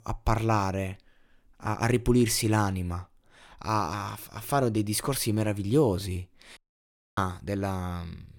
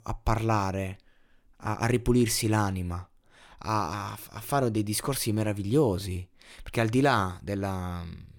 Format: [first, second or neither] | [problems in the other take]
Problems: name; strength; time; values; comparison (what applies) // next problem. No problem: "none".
second | audio cutting out; at 6.5 s for 0.5 s